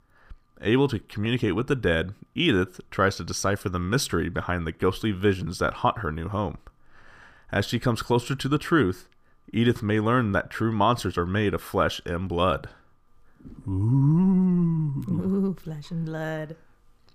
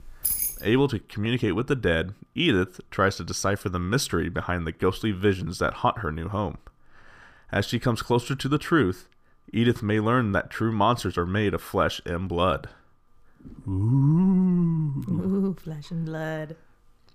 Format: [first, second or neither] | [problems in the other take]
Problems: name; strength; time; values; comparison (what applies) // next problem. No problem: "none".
first | jangling keys; loud; at the start; peak 1 dB above the speech